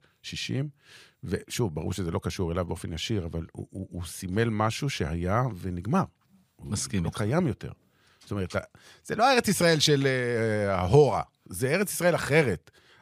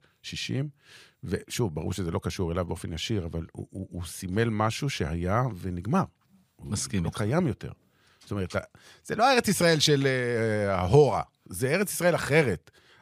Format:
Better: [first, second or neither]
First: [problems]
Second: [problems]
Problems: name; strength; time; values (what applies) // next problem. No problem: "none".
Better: neither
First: none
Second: none